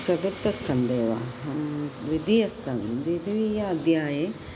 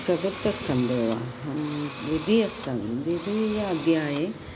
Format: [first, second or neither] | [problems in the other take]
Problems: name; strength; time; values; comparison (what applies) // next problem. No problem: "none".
first | background sound (Engine / Drill); 16 dB below the speech